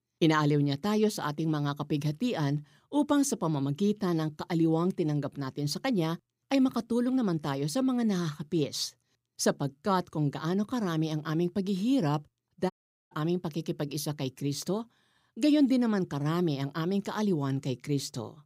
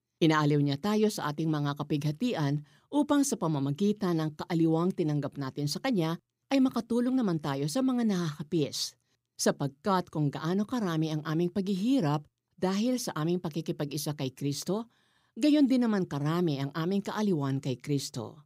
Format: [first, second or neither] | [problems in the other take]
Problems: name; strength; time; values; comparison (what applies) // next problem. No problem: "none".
second | audio cutting out; at 13 s